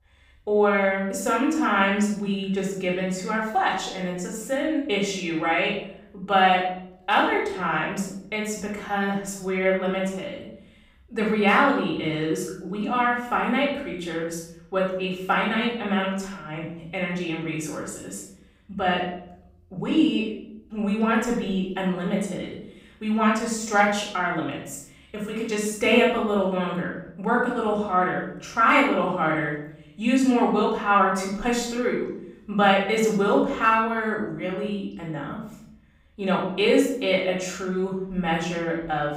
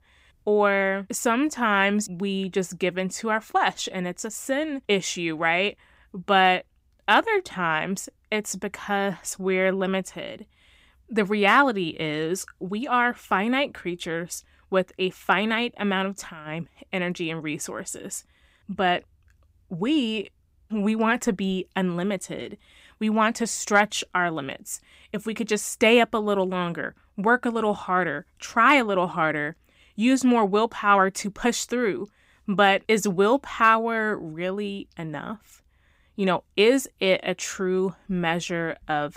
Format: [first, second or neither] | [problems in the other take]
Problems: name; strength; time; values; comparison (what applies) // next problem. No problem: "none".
second | off-mic speech; far // room echo; noticeable; dies away in 0.7 s